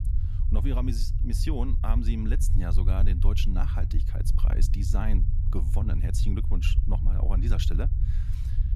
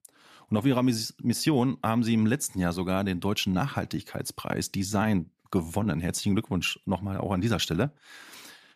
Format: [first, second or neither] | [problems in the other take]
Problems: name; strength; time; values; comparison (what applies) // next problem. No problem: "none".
second | low rumble; loud; throughout; 6 dB below the speech